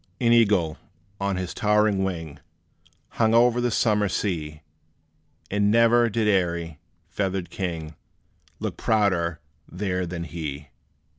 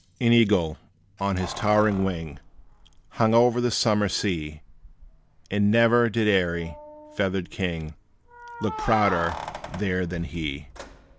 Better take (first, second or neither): first